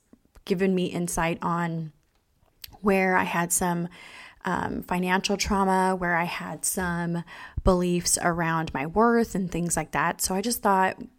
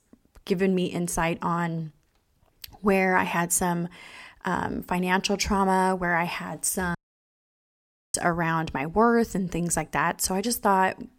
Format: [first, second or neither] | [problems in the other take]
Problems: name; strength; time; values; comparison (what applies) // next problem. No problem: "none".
first | audio cutting out; at 7 s for 1 s